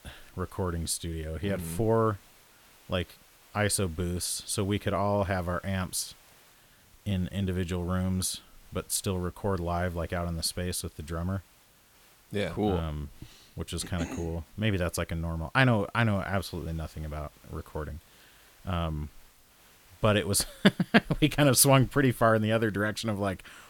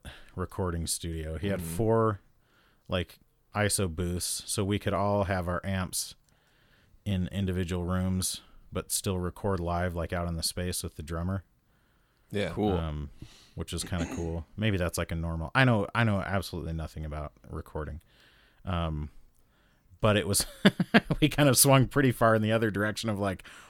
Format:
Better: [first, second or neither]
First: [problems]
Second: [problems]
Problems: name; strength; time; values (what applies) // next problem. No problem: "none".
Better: second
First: hiss; faint; throughout; 30 dB below the speech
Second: none